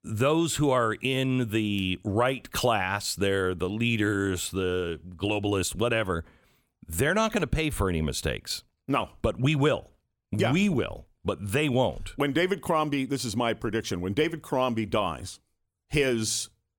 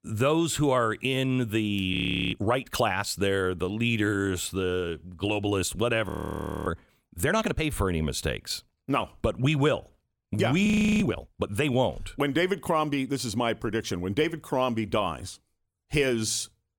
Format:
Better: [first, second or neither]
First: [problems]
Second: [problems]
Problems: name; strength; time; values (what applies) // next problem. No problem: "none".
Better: first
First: none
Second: audio freezing; at 2 s, at 6 s for 0.5 s and at 11 s